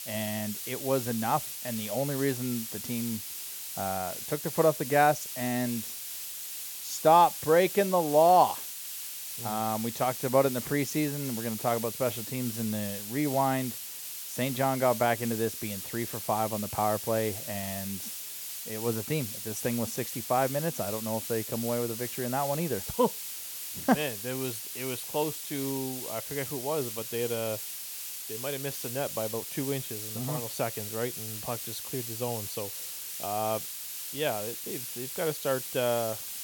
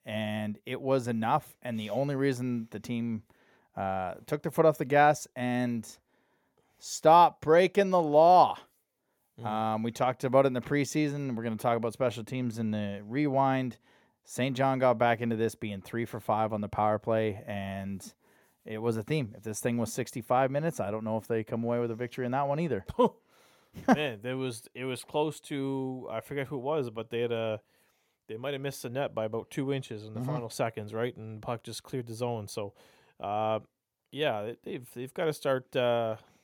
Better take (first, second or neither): second